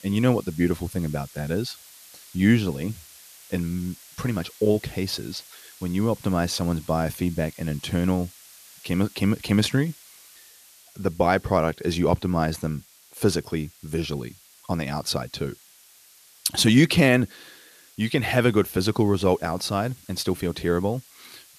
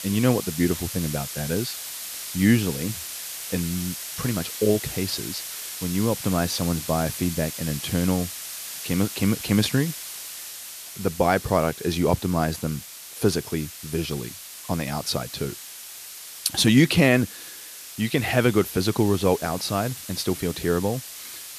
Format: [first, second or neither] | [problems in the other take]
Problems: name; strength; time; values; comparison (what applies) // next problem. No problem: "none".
first | hiss; loud; throughout; 9 dB below the speech; faint in the first